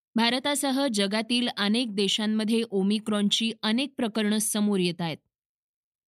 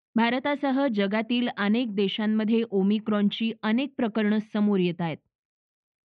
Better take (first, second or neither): first